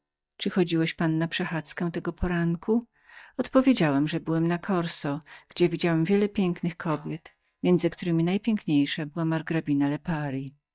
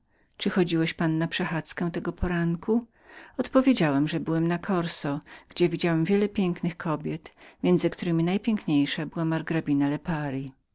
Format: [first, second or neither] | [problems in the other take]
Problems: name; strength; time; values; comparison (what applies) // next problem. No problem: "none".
second | noise reduction (neural mask model DeepFilterNet 3)